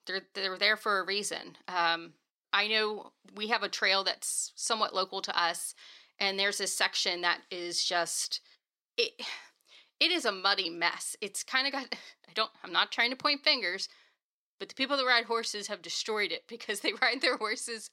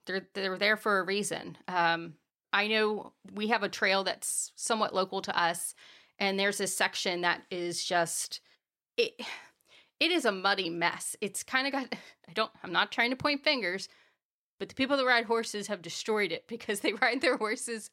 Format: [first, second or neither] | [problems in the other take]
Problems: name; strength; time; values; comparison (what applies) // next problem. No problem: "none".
second | thin; very slightly; fading below 250 Hz